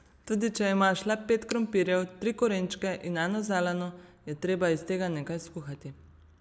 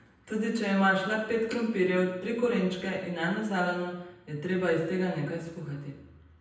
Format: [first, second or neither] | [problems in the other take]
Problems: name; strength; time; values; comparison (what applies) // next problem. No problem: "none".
first | room echo; dies away in 0.8 s